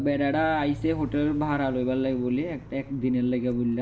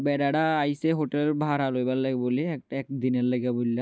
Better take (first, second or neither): second